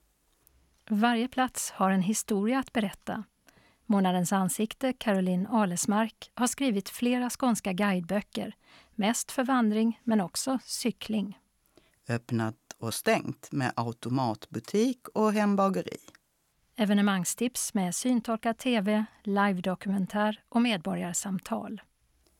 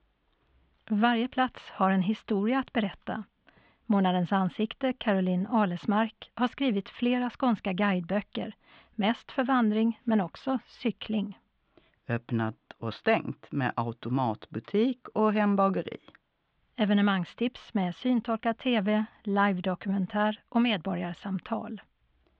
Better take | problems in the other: first | muffled; very; fading above 3.5 kHz

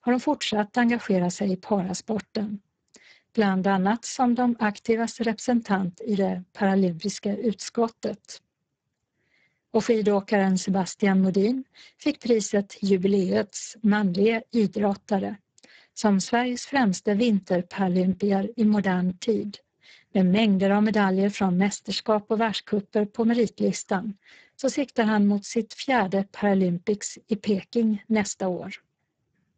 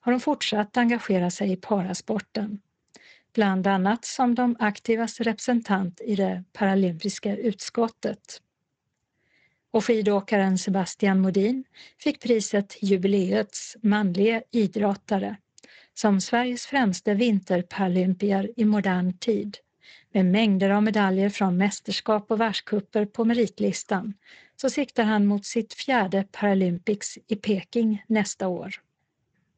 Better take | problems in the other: second | garbled, watery; badly; nothing above 7.5 kHz; slightly in the second

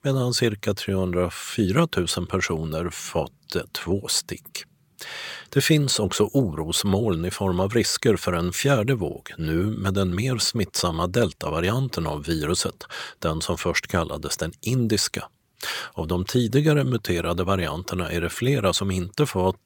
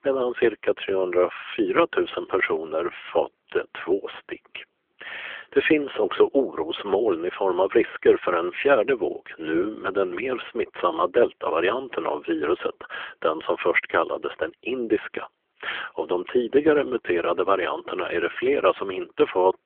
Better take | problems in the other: first | phone-call audio; nothing above 3.5 kHz

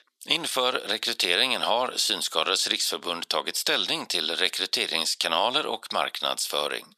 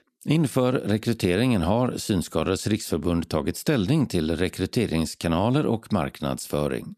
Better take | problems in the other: second | thin; very; fading below 850 Hz

